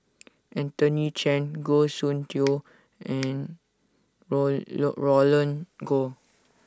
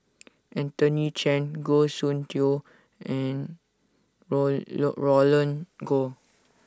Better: second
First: background sound (Finger snapping); 17 dB below the speech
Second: none

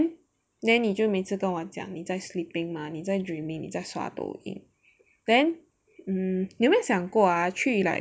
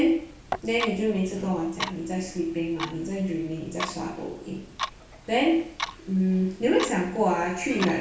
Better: first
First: none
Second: background sound (Clock); 11 dB below the speech // room echo; dies away in 0.6 s

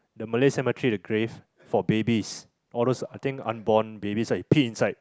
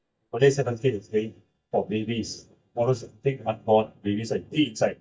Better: first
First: none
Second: noise reduction (neural mask model DeepFilterNet 3)

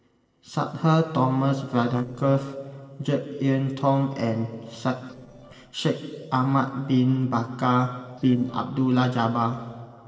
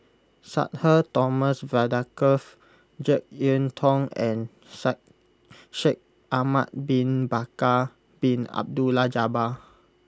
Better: second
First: noise reduction (neural separator model SepFormer DNS4)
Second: none

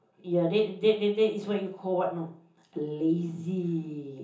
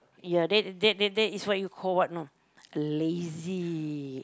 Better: second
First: room echo; dies away in 0.6 s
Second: none

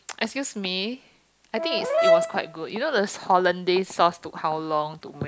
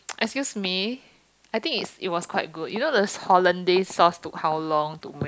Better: second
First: background sound (Brass instrument); 2 dB above the speech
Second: none

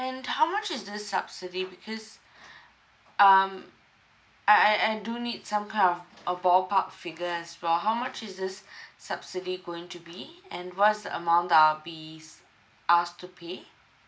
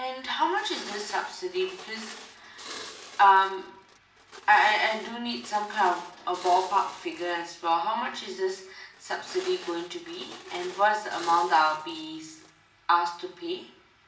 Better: first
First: none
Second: background sound (Glass); 17 dB below the speech // room echo; dies away in 0.6 s

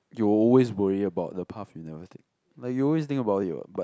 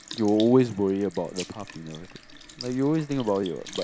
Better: first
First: none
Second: background sound (Sink (filling or washing) / Liquid); 17 dB below the speech

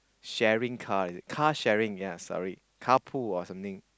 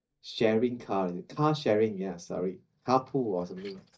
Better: first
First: none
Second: noise reduction (neural mask model DeepFilterNet 3)

